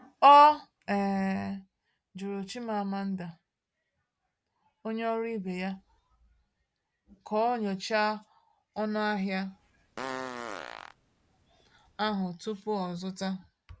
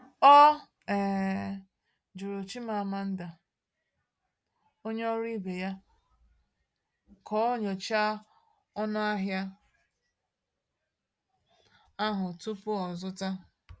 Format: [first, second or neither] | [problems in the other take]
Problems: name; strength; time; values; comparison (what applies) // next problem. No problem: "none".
second | background sound (Fart); 12 dB below the speech